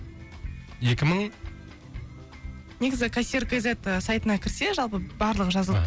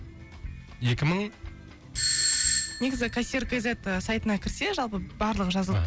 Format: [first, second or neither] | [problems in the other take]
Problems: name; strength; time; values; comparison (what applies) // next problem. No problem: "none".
first | background sound (Doorbell); as loud as the speech